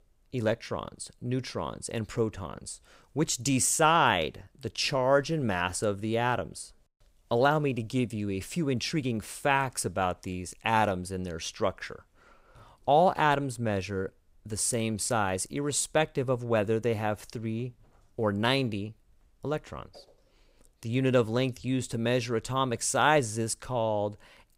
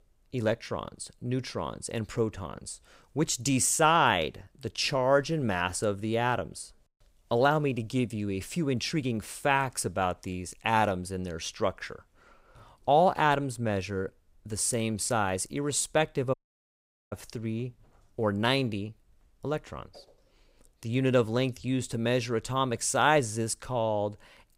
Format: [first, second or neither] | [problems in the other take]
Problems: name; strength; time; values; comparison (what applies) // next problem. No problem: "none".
first | audio cutting out; at 16 s for 1 s